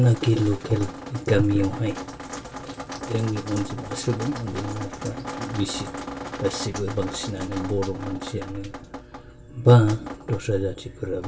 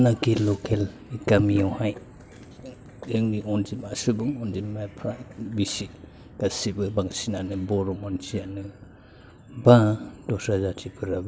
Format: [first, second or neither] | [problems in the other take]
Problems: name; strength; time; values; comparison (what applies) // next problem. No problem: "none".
second | background sound (Drip); 11 dB below the speech // room echo; dies away in 0.1 s